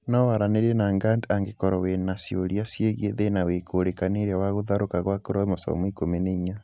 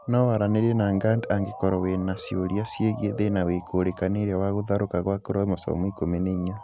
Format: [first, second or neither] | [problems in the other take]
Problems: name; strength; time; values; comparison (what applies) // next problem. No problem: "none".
first | background sound (Motor vehicle (road) / Siren); 17 dB below the speech